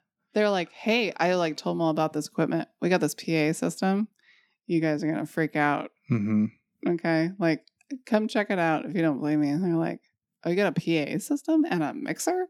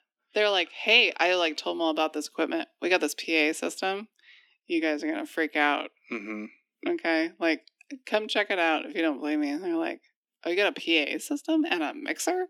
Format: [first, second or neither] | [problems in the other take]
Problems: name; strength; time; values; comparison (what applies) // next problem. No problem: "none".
first | thin; somewhat; fading below 300 Hz